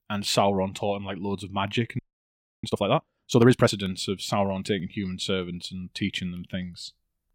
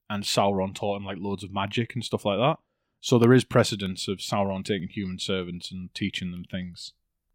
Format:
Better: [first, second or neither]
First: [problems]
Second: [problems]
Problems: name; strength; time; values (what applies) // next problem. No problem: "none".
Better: second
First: audio freezing; at 2 s for 0.5 s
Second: none